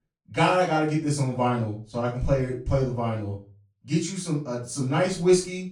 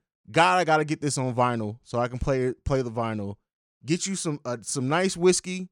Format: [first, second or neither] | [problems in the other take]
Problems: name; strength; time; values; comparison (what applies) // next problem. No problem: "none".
second | room echo; slight; dies away in 0.3 s // off-mic speech; far